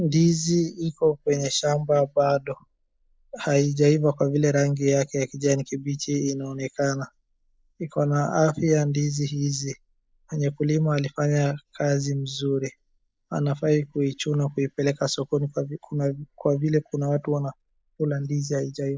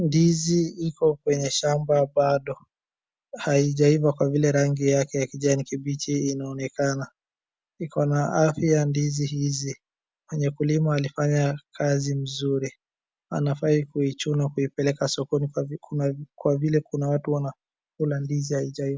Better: second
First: noise reduction (neural mask model Resemble Enhance denoiser)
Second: none

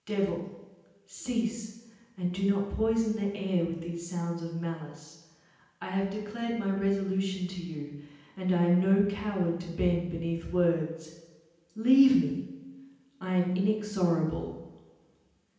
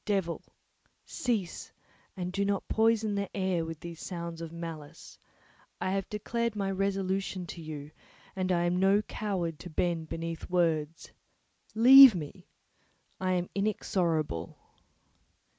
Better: second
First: room echo; dies away in 0.9 s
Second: none

